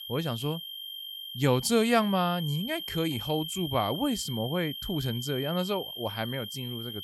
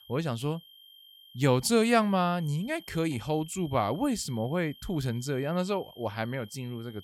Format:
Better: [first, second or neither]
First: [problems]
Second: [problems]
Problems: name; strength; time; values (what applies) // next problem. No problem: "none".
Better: second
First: high-pitched whine; loud; throughout; 3 kHz, 7 dB below the speech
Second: high-pitched whine; faint; throughout; 3 kHz, 20 dB below the speech